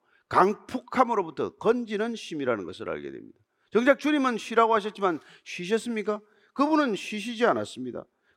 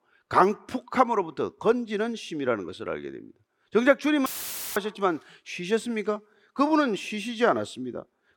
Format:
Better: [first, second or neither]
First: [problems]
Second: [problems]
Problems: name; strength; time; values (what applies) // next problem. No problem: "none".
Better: first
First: none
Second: audio cutting out; filled with static; at 4.5 s for 0.5 s